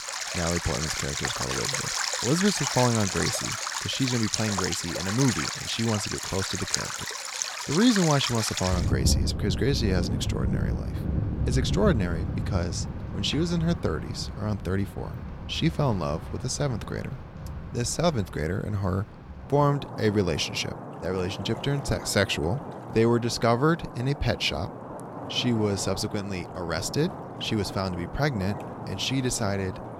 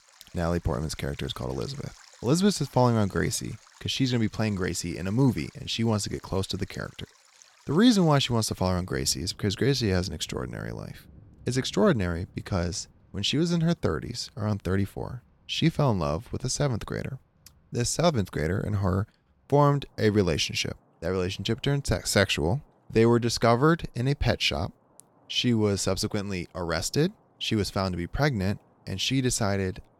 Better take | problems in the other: second | rain or running water; loud; throughout; 4 dB below the speech; faint in the second

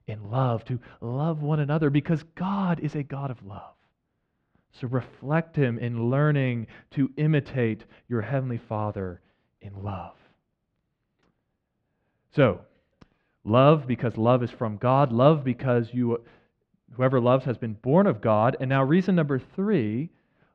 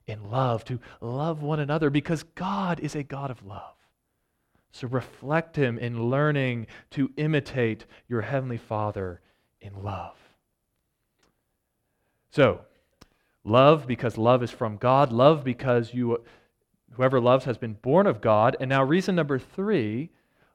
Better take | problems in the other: second | muffled; slightly; fading above 3.5 kHz

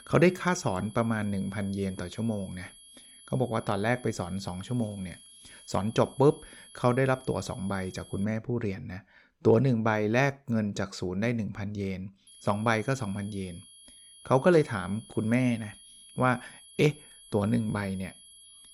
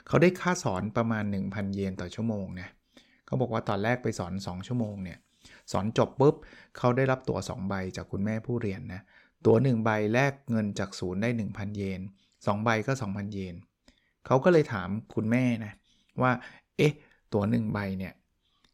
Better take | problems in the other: second | high-pitched whine; faint; until 8 s and from 12 s on; 3.5 kHz, 20 dB below the speech

